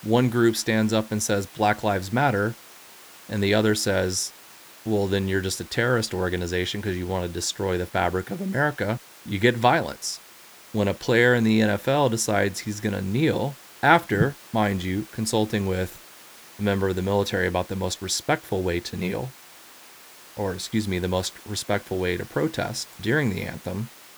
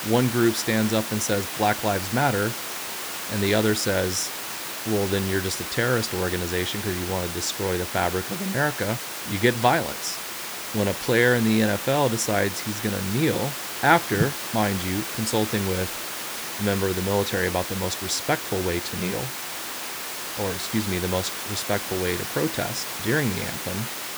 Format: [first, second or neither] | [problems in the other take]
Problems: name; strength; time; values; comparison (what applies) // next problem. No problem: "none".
first | hiss; loud; throughout; 5 dB below the speech; faint in the first